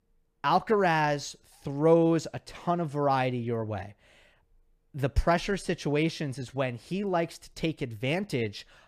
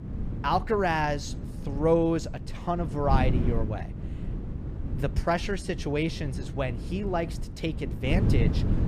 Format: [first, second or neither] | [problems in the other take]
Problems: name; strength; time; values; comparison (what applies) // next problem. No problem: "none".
first | wind noise on the microphone; occasional gusts; 10 dB below the speech